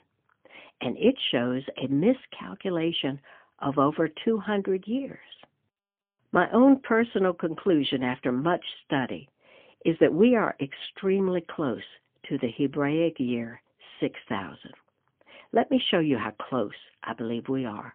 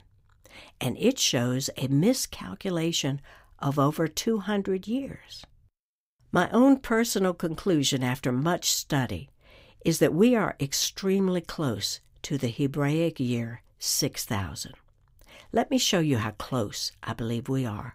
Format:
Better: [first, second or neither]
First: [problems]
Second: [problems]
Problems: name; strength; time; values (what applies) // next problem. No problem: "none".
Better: second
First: phone-call audio; poor line; nothing above 3.5 kHz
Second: none